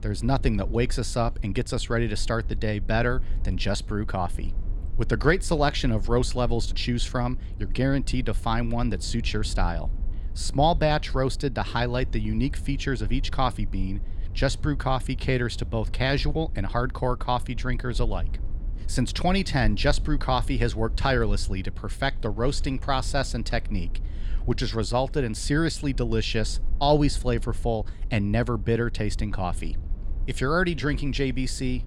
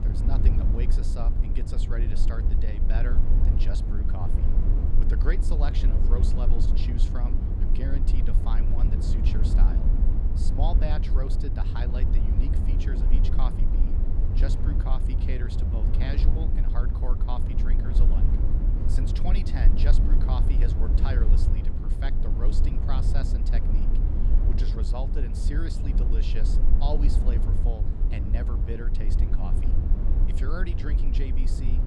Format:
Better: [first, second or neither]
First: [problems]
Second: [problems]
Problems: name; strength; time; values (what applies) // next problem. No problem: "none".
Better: first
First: low rumble; faint; throughout; 25 dB below the speech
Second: low rumble; loud; throughout; 2 dB below the speech